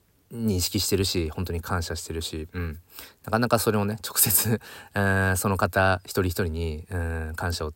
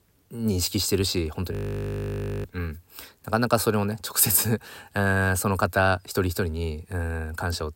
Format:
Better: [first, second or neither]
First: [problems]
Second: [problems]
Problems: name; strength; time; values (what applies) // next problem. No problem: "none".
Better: first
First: none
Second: audio freezing; at 1.5 s for 1 s